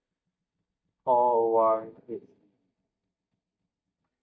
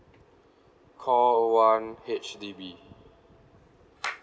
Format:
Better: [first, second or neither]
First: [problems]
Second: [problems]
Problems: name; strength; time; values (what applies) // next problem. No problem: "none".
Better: second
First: noise reduction (neural mask model DeepFilterNet 3)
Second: none